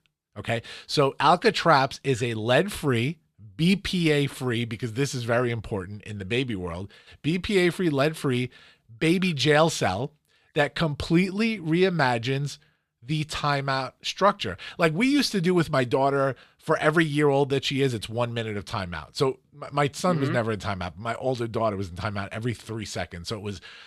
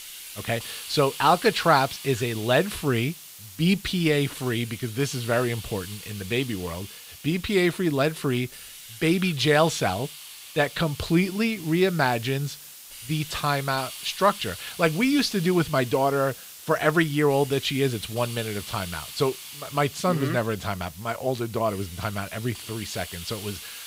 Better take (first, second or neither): first